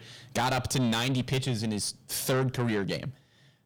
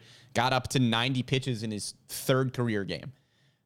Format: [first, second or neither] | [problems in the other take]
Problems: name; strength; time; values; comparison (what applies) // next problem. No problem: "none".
second | distortion; heavy; 7 dB below the speech